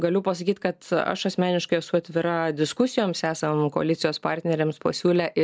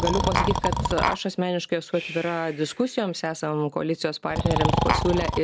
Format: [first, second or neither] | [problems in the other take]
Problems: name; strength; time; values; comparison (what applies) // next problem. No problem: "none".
first | background sound (Tap + Breathing); 1 dB below the speech